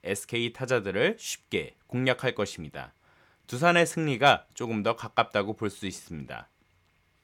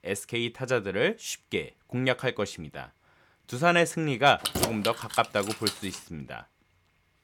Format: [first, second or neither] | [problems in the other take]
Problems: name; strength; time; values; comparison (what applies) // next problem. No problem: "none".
first | jangling keys; noticeable; from 4.5 to 6 s; peak 1 dB below the speech